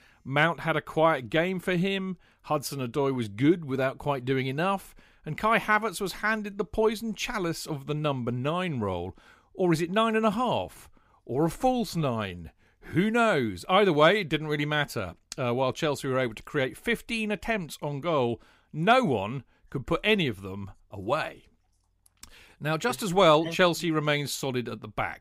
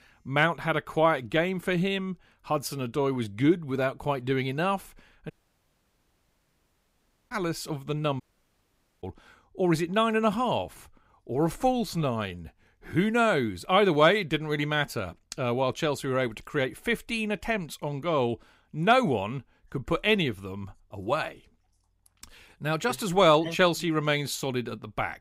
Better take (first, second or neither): first